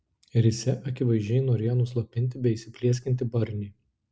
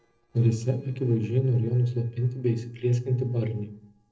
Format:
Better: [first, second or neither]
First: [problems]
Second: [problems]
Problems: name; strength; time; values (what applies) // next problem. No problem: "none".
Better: first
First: none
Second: noise reduction (neural separator model SepFormer DNS4)